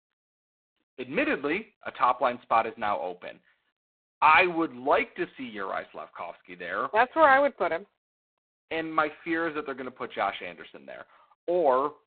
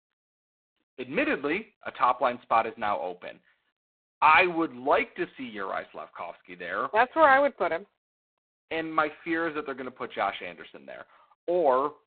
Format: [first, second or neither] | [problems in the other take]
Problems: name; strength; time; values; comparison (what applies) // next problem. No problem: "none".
neither | phone-call audio; poor line; nothing above 4 kHz; the same in both